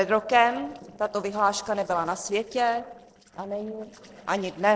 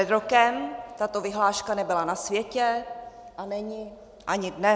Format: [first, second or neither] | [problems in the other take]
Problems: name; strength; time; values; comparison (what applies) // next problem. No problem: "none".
second | noise reduction (neural separator model SepFormer DNS4)